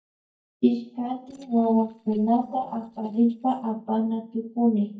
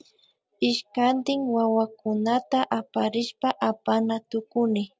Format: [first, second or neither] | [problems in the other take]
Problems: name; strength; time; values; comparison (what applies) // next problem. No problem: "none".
second | noise reduction (neural mask model DeepFilterNet 3)